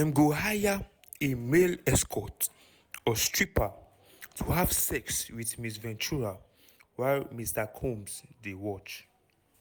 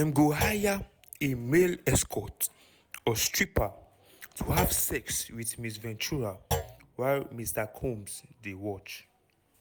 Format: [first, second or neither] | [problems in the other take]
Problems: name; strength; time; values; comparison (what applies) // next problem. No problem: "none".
first | background sound (Thump, thud); 8 dB below the speech